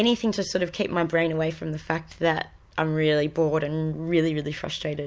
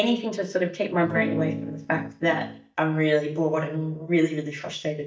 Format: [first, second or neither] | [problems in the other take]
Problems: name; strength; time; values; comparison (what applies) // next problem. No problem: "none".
first | noise reduction (neural mask model DeepFilterNet 3)